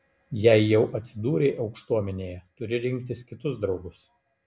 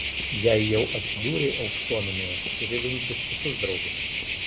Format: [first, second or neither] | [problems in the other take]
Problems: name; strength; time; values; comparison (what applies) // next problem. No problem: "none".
first | background sound (Cricket); 1 dB below the speech